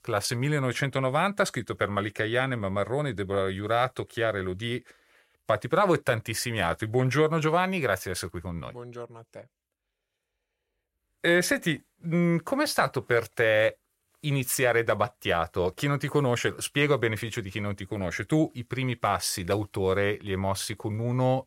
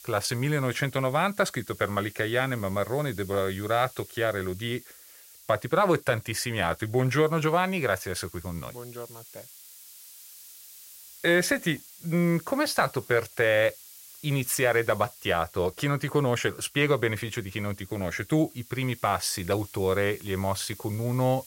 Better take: first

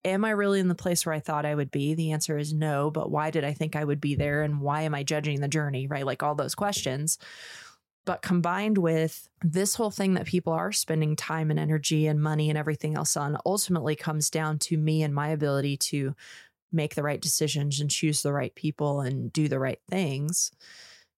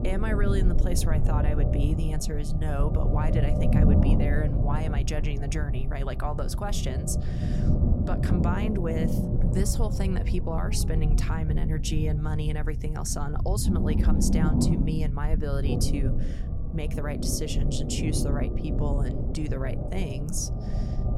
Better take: first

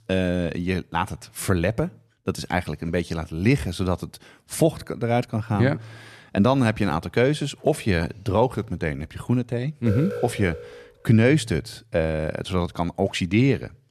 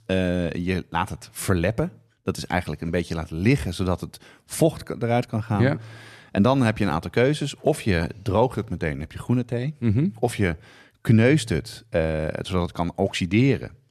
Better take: second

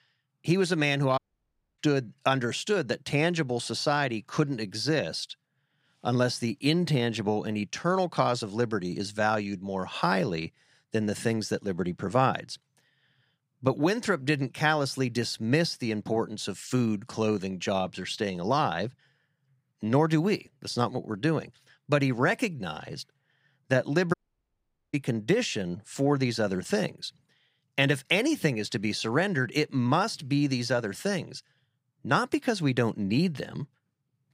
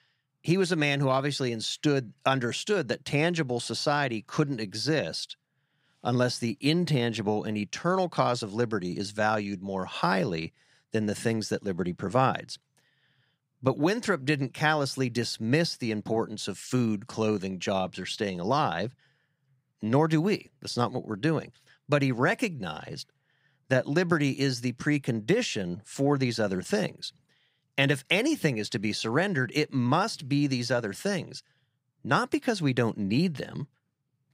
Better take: second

